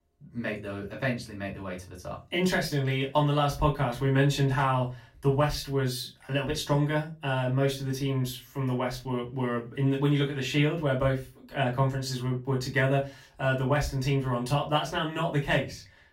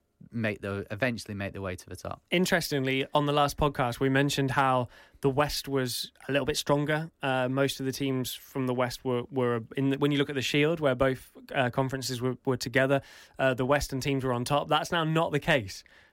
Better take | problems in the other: second | off-mic speech; far // room echo; very slight; dies away in 0.2 s

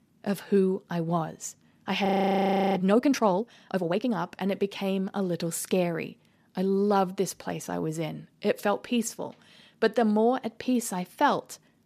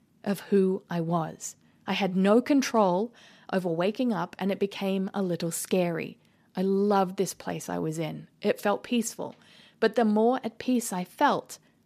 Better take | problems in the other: second | audio freezing; at 2 s for 0.5 s

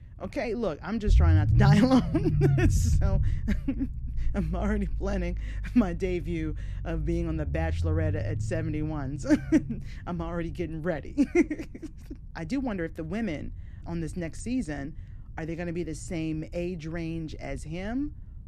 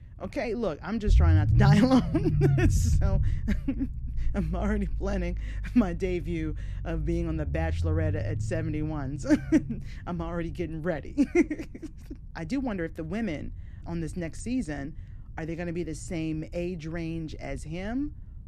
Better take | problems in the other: neither | low rumble; loud; throughout; 9 dB below the speech; the same in both

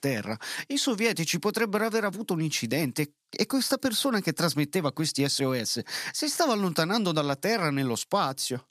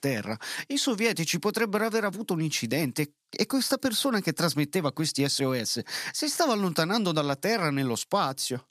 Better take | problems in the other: neither | none

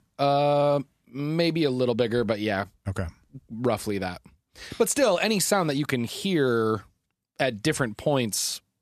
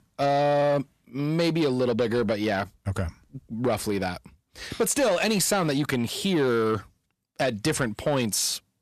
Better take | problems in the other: first | distortion; slight; 10 dB below the speech

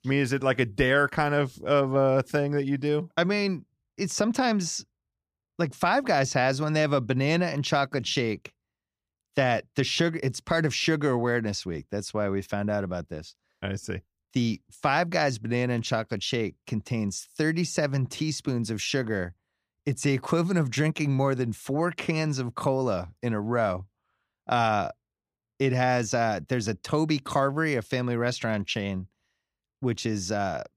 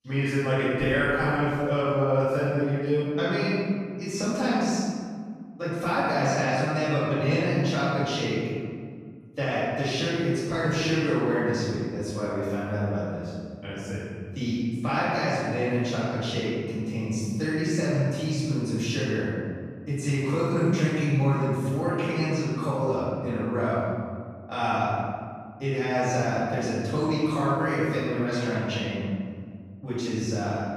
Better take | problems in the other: first | off-mic speech; far // room echo; strong; dies away in 1.8 s

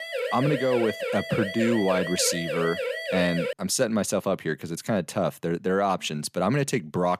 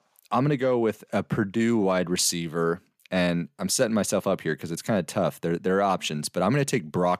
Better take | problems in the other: second | siren; noticeable; until 3.5 s; peak 3 dB below the speech

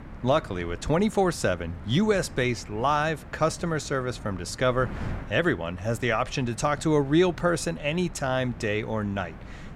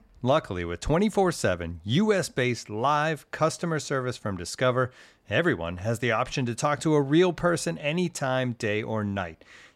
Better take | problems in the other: second | wind noise on the microphone; occasional gusts; 20 dB below the speech

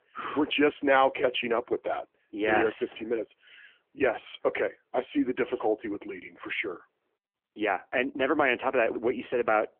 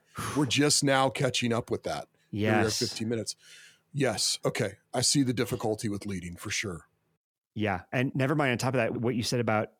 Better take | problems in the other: second | phone-call audio; poor line; nothing above 3 kHz

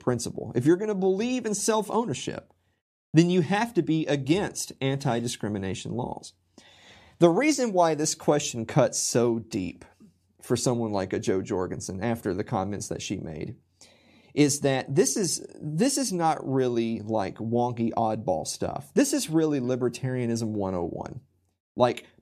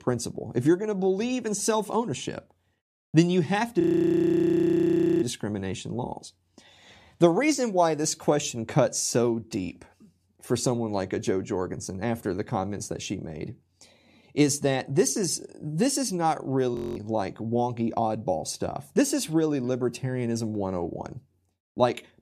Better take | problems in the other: first | audio freezing; at 4 s for 1.5 s and at 17 s

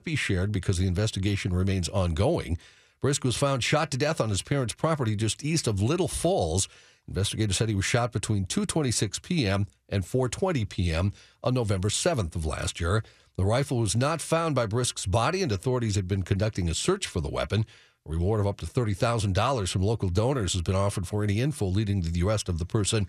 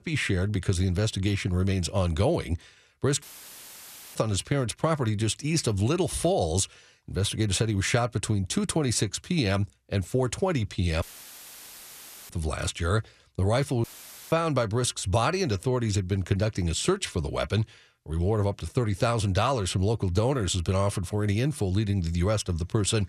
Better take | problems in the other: first | audio cutting out; filled with static; at 3 s for 1 s, at 11 s for 1.5 s and at 14 s

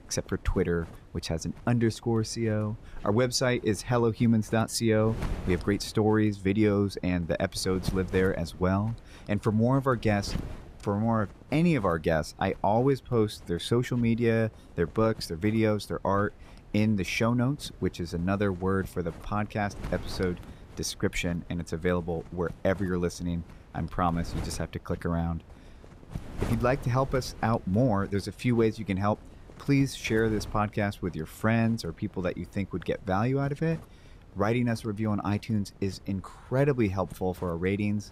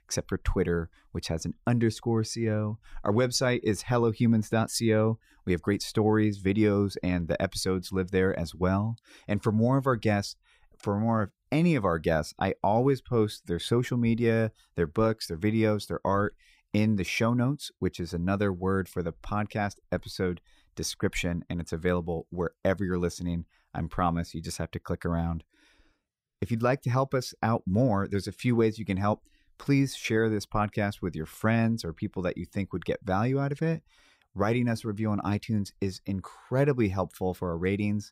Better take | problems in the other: second | wind noise on the microphone; occasional gusts; 20 dB below the speech

